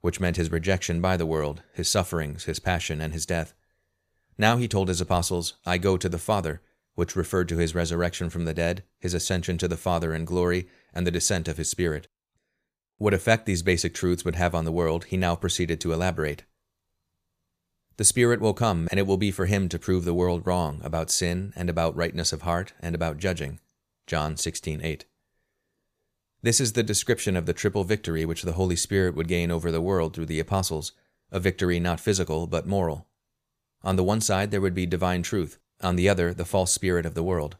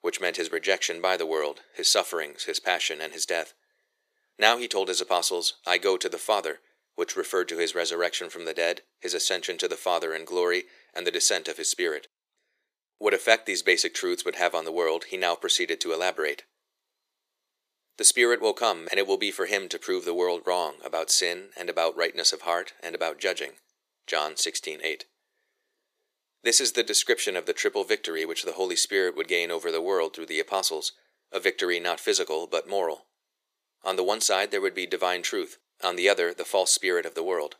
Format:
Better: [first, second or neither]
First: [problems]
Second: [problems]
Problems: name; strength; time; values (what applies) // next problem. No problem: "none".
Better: first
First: none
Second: thin; very; fading below 350 Hz